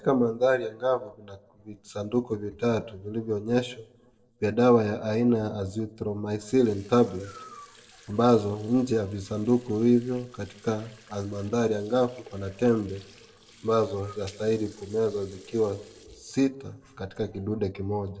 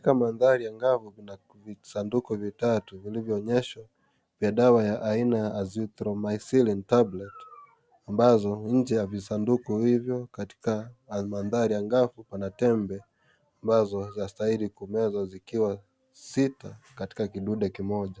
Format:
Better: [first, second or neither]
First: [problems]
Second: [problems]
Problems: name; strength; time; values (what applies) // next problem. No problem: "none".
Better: second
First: noise reduction (neural separator model SepFormer DNS4)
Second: none